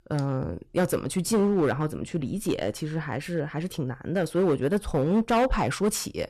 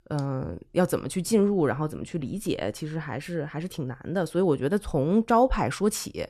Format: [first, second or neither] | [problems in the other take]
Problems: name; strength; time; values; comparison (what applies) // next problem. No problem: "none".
second | distortion; slight; 6% of the sound clipped